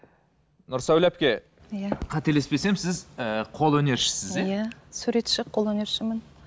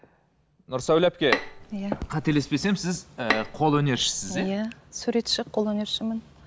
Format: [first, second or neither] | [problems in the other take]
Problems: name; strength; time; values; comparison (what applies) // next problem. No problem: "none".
first | background sound (Bowed string instrument); 6 dB below the speech